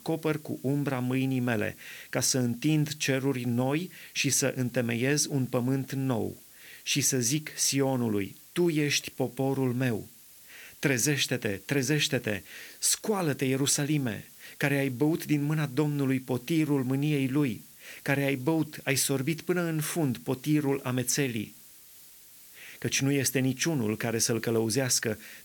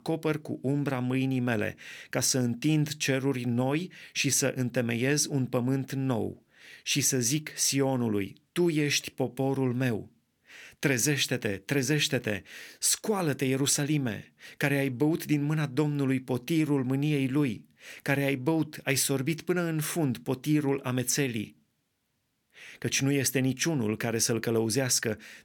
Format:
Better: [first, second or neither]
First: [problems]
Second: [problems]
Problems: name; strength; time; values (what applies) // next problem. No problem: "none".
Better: second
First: hiss; faint; throughout; 20 dB below the speech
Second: none